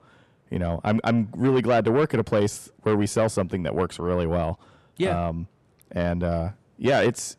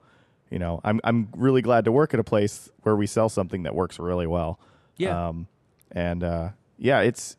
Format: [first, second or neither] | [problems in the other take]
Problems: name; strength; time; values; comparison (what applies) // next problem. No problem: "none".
second | distortion; slight; 10 dB below the speech